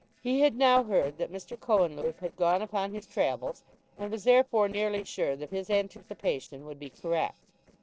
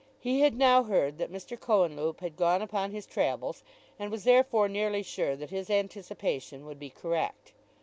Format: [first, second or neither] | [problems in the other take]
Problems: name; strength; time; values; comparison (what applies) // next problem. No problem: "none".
second | noise reduction (neural separator model SepFormer DNS4)